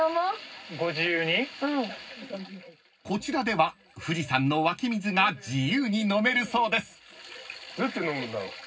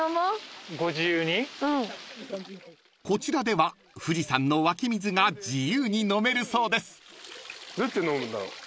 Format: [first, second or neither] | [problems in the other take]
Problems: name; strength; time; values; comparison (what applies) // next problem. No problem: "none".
second | room echo; dies away in 0.4 s